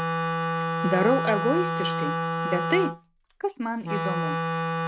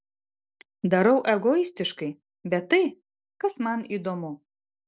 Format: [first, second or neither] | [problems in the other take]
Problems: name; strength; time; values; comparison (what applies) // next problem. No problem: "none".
second | background sound (Wind instrument, woodwind instrument); 1 dB above the speech